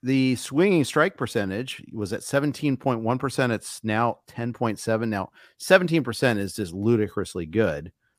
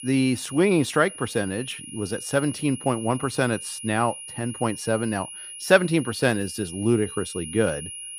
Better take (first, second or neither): first